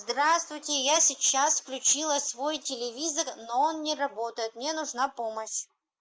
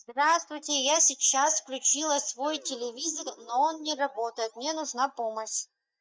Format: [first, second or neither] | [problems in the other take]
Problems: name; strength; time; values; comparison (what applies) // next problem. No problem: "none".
first | noise reduction (neural mask model DeepFilterNet 3)